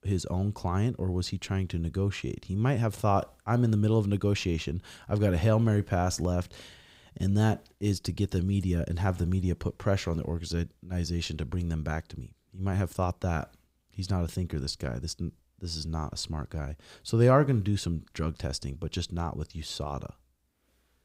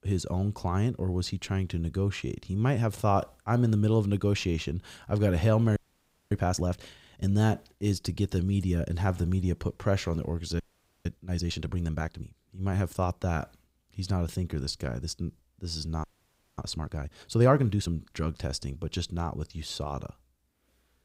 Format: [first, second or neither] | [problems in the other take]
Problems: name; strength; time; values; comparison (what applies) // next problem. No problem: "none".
first | audio freezing; at 6 s for 0.5 s, at 11 s and at 16 s for 0.5 s